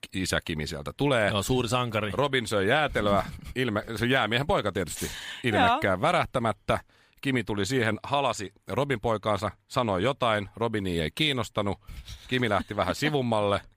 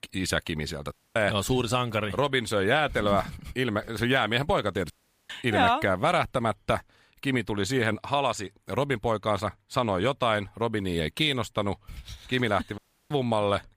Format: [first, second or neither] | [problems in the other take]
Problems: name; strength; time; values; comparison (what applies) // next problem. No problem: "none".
first | audio cutting out; at 1 s, at 5 s and at 13 s